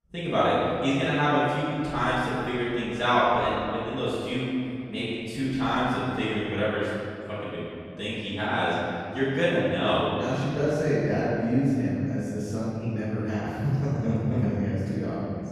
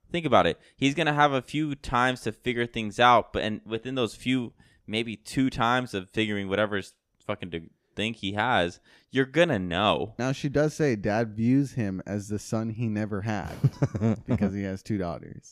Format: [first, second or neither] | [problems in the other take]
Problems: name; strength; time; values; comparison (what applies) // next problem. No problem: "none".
second | room echo; strong; dies away in 2.5 s // off-mic speech; far